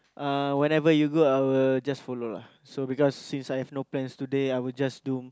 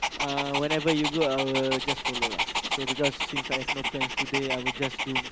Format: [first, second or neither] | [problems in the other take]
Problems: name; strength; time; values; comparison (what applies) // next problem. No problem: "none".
first | background sound (Dog); as loud as the speech